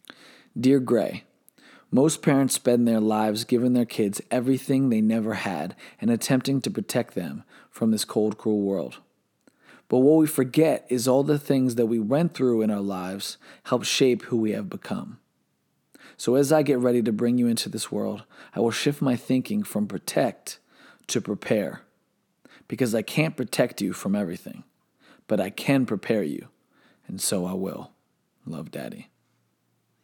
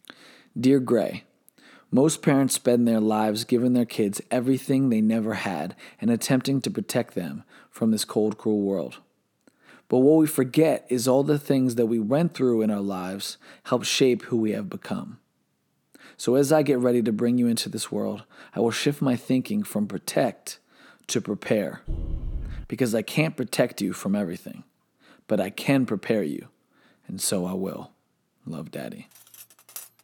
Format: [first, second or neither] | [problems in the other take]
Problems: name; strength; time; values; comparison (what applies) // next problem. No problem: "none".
first | dog barking; noticeable; at 22 s; peak 9 dB below the speech // clattering dishes; faint; at 29 s; peak 15 dB below the speech